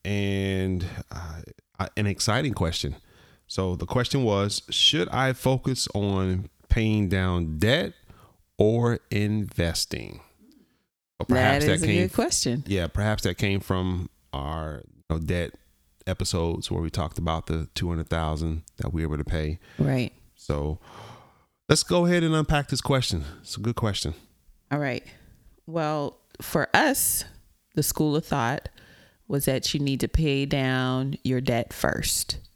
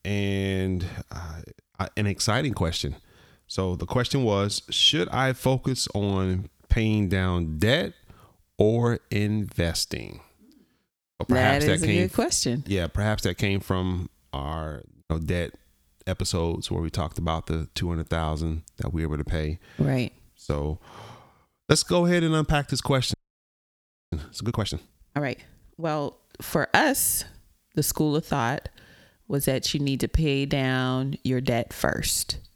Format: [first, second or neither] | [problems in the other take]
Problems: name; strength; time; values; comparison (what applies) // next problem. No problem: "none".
first | audio freezing; at 23 s for 1 s